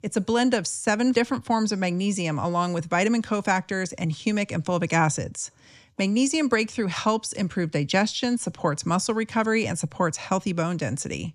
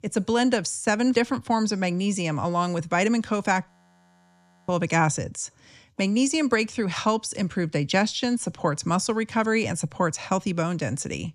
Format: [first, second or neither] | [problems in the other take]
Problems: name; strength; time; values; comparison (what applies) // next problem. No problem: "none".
first | audio freezing; at 3.5 s for 1 s